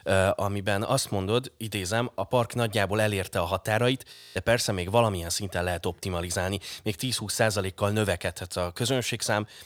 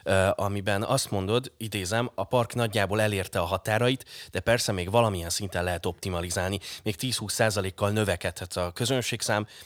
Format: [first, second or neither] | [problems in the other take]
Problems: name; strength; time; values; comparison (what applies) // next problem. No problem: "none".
second | audio freezing; at 4 s